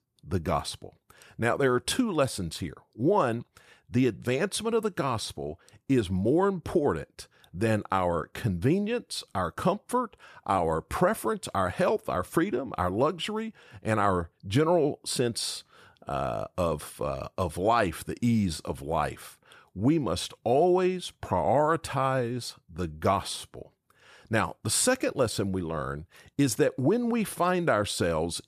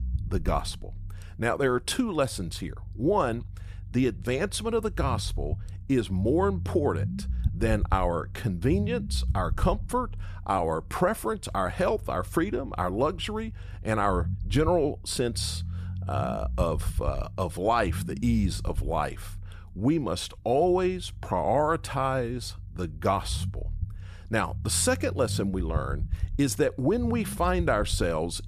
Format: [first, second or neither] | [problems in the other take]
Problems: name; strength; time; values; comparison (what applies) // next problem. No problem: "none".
first | low rumble; faint; throughout; 20 dB below the speech